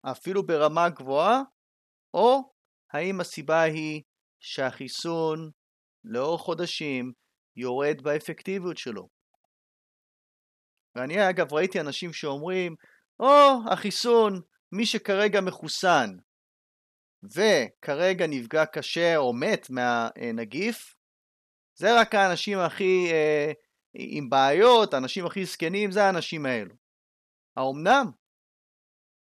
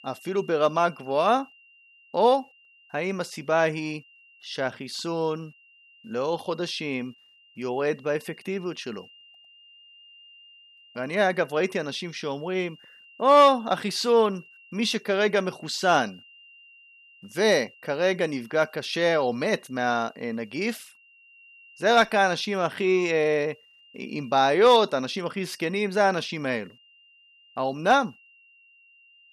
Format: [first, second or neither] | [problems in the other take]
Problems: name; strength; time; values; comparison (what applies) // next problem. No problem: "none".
first | high-pitched whine; faint; throughout; 3 kHz, 25 dB below the speech